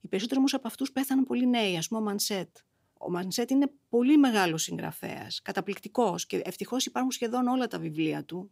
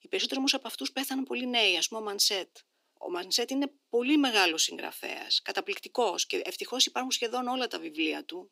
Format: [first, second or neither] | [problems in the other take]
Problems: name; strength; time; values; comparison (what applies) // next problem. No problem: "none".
first | thin; very slightly; fading below 300 Hz